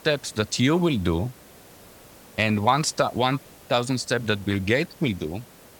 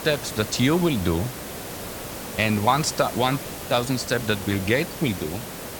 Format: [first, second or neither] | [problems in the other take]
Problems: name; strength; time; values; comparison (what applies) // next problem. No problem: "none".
first | hiss; loud; throughout; 9 dB below the speech; faint in the first